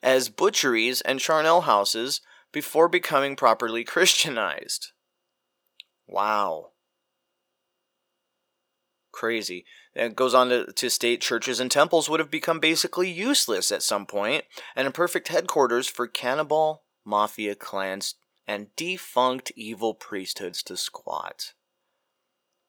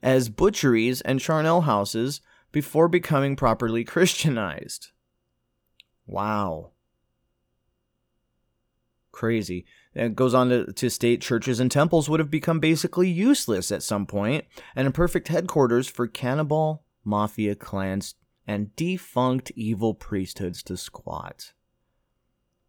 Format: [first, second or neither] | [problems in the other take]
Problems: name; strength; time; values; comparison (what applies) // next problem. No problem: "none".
second | thin; somewhat; fading below 500 Hz